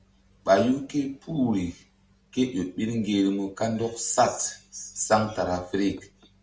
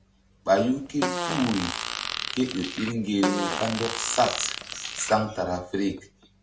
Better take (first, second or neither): first